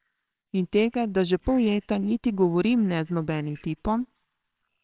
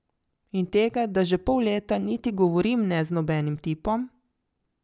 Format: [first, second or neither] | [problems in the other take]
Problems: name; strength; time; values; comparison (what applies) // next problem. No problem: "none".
second | noise reduction (neural separator model SepFormer WHAMR!)